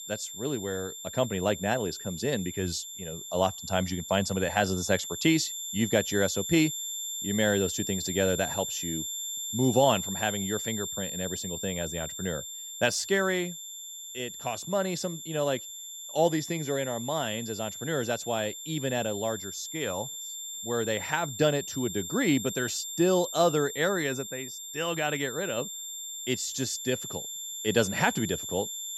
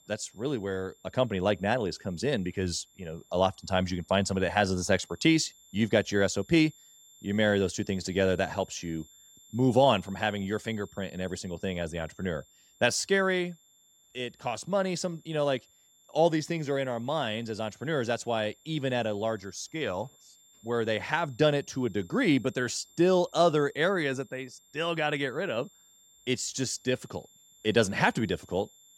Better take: second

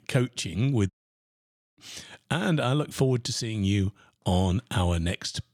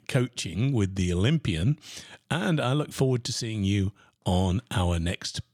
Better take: second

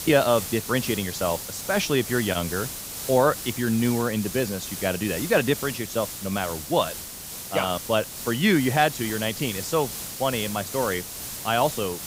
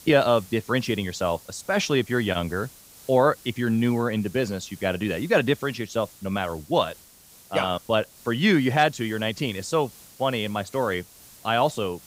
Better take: second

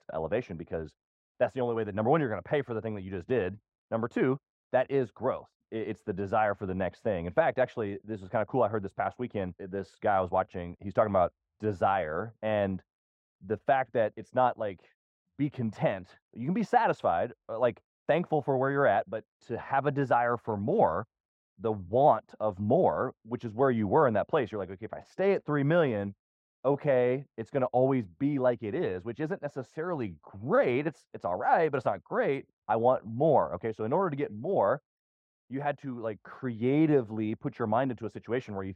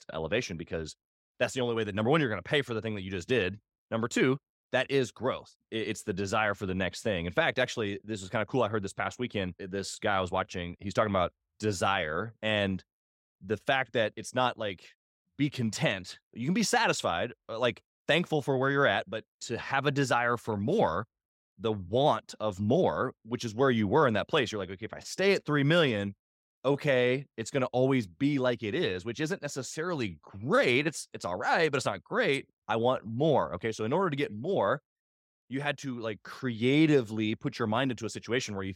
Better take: second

